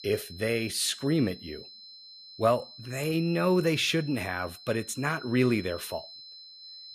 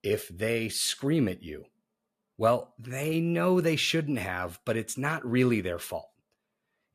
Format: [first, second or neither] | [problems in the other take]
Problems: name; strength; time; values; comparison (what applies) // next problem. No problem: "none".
second | high-pitched whine; noticeable; throughout; 4 kHz, 15 dB below the speech